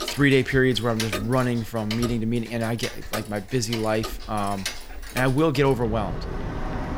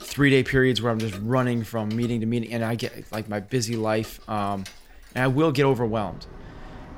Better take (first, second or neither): second